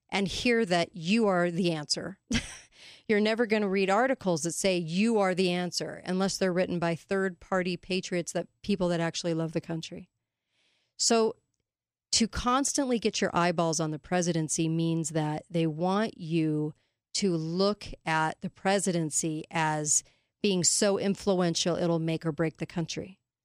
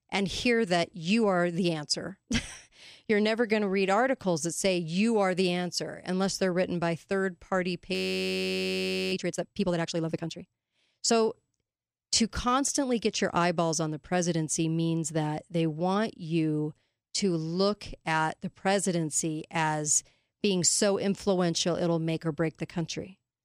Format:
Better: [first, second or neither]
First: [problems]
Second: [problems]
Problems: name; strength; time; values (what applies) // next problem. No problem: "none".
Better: first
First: none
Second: audio freezing; at 8 s for 1 s